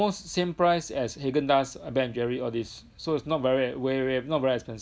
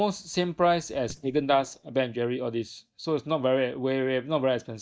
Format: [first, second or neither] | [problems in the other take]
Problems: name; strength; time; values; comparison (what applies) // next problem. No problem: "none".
first | noise reduction (neural mask model DeepFilterNet 3)